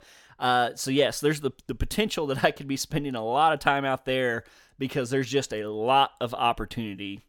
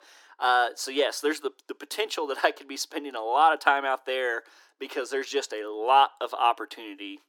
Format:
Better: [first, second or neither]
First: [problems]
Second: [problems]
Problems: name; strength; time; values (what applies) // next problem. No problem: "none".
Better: first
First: none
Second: thin; somewhat; fading below 300 Hz